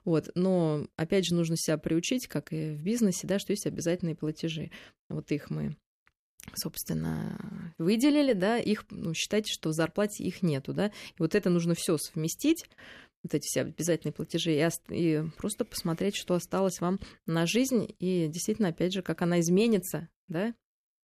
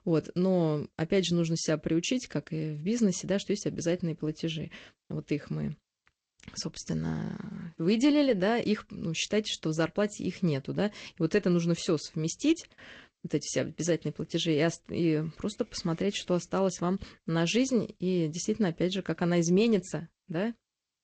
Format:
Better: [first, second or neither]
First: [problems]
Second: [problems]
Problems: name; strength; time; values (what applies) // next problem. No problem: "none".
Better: first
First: none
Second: garbled, watery; slightly; nothing above 7.5 kHz